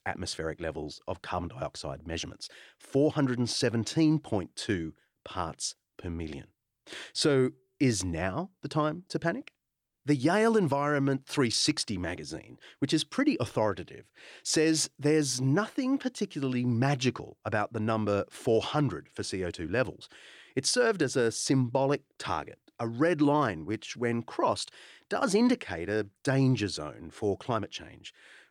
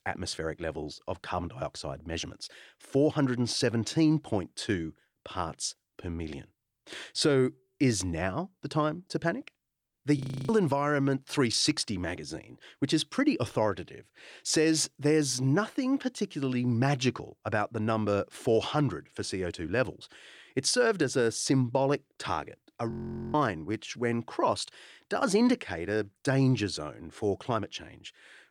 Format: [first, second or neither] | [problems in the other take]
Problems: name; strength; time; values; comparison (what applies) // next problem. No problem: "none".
first | audio freezing; at 10 s and at 23 s